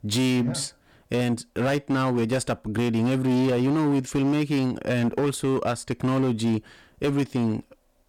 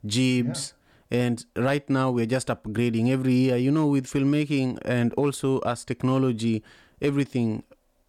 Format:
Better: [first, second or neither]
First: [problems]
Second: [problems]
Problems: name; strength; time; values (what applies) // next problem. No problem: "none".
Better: second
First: distortion; slight; 17% of the sound clipped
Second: none